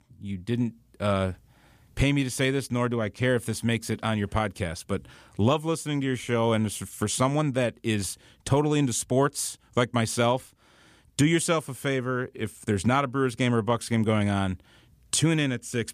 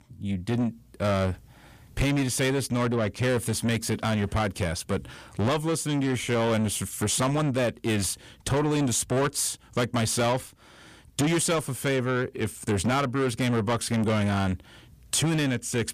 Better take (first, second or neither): first